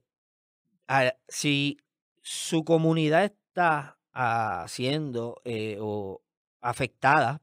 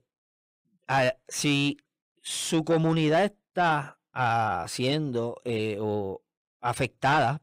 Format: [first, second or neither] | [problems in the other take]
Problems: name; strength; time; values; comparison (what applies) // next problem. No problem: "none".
first | distortion; slight; 10 dB below the speech